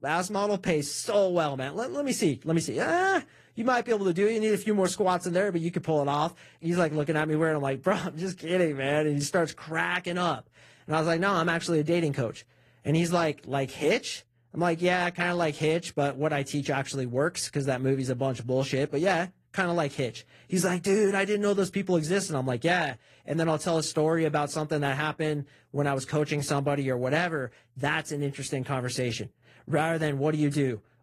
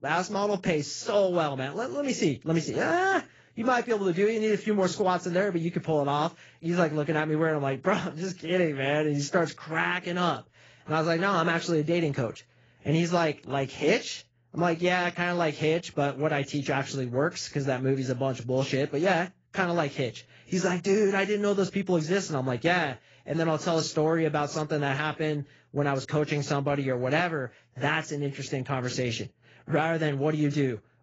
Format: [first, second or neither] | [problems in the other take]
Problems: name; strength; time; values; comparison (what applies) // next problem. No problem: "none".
first | garbled, watery; badly; nothing above 7.5 kHz; slightly in the first